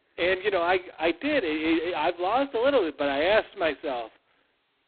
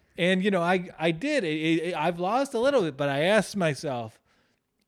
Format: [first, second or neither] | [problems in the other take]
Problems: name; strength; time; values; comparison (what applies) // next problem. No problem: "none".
second | phone-call audio; poor line; nothing above 4 kHz